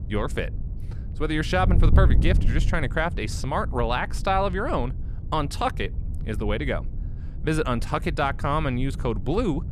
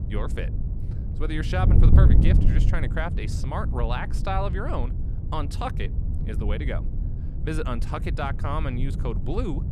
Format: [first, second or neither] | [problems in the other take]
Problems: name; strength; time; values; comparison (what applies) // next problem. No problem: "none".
first | wind noise on the microphone; heavy; 7 dB below the speech; occasional gusts in the first